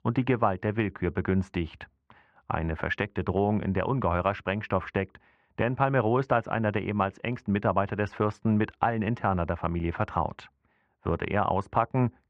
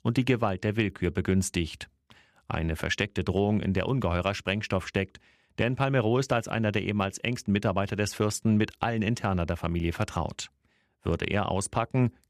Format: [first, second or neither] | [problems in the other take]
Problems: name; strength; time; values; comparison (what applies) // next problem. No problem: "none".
second | muffled; very; fading above 2 kHz